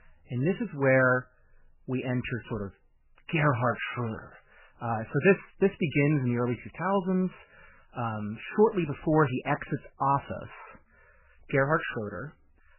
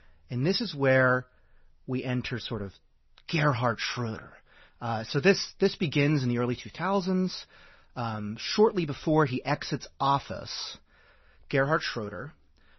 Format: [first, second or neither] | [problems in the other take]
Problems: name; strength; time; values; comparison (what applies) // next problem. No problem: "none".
second | garbled, watery; badly; nothing above 3 kHz; slightly in the second